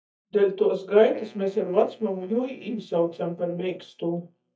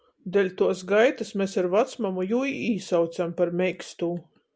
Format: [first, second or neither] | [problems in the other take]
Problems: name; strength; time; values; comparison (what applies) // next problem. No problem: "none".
second | noise reduction (neural mask model DeepFilterNet 3)